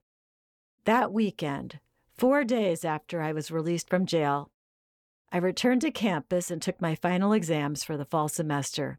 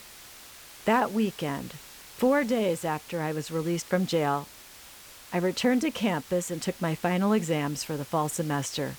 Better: first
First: none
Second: hiss; noticeable; throughout; 15 dB below the speech

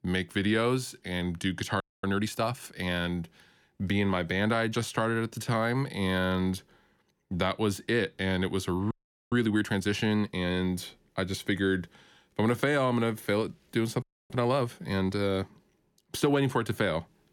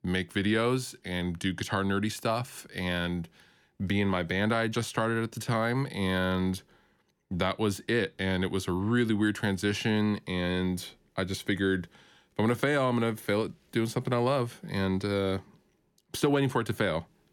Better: second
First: audio freezing; at 2 s, at 9 s and at 14 s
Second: none

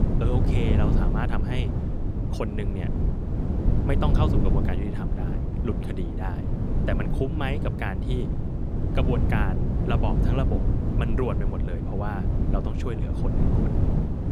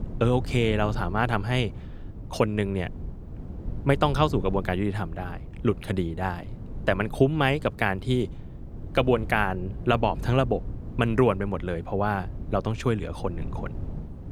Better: second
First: wind noise on the microphone; heavy; 2 dB below the speech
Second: wind noise on the microphone; occasional gusts; 20 dB below the speech

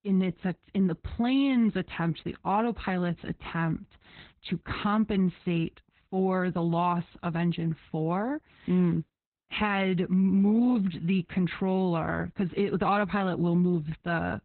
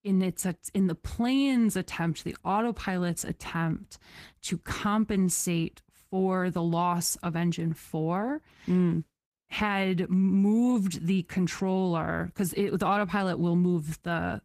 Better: second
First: garbled, watery; badly; nothing above 4 kHz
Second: garbled, watery; slightly; nothing above 14.5 kHz

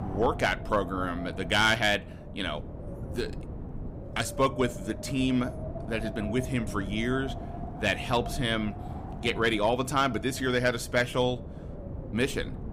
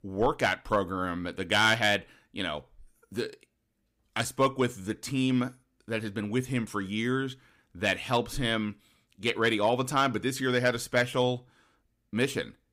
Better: second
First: wind noise on the microphone; occasional gusts; 15 dB below the speech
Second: none

